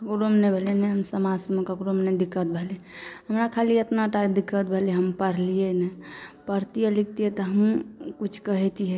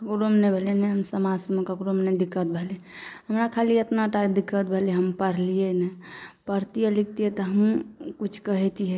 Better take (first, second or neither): first